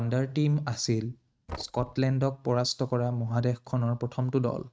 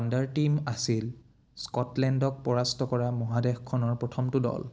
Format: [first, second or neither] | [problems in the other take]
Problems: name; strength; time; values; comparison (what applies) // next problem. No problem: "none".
second | noise reduction (neural mask model RNNoise)